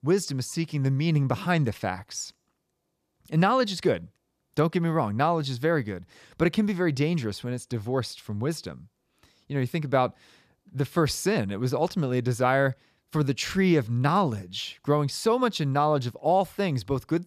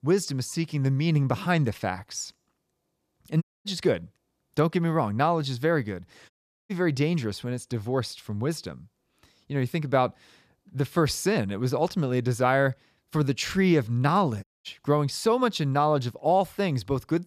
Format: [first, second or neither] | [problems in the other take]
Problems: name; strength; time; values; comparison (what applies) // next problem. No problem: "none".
first | audio cutting out; at 3.5 s, at 6.5 s and at 14 s